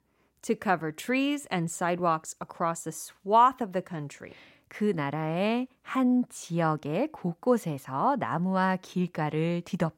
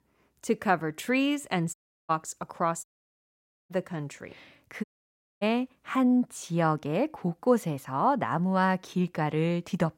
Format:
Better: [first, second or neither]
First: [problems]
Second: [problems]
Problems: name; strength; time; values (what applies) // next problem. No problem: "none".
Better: first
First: none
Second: audio cutting out; at 1.5 s, at 3 s for 1 s and at 5 s for 0.5 s